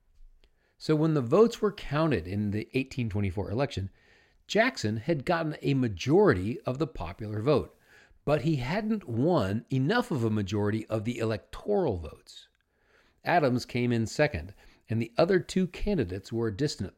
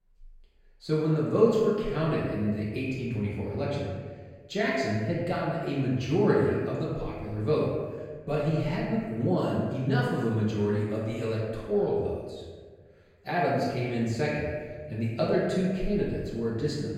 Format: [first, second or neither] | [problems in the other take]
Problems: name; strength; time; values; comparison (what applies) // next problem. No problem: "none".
first | room echo; strong; dies away in 1.4 s // off-mic speech; far